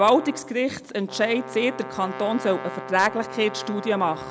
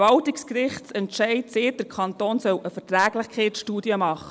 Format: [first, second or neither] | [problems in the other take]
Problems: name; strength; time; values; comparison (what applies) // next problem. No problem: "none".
second | background sound (Brass instrument); 12 dB below the speech